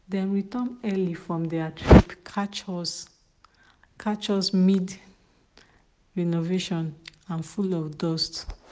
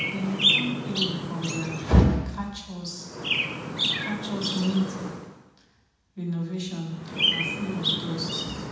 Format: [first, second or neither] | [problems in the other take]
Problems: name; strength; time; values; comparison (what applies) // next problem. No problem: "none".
first | background sound (Chirp, tweet); 1 dB below the speech // room echo; dies away in 1 s